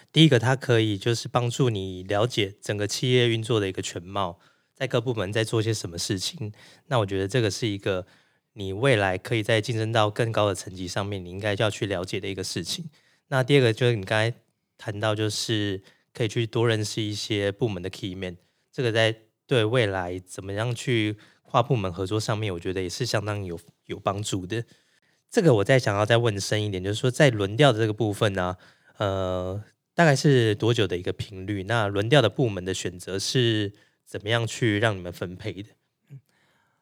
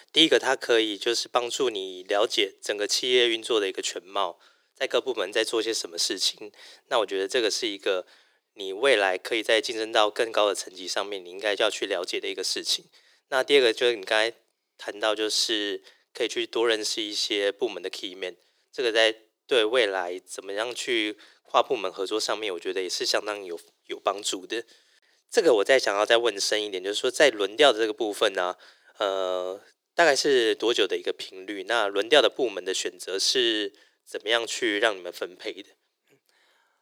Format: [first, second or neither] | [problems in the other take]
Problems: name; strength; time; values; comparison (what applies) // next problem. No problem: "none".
first | thin; very; fading below 400 Hz